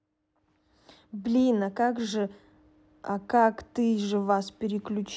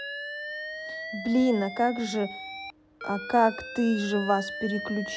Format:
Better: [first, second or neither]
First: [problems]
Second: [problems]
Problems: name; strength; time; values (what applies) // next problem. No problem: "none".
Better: first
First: none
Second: background sound (Alarm); 10 dB below the speech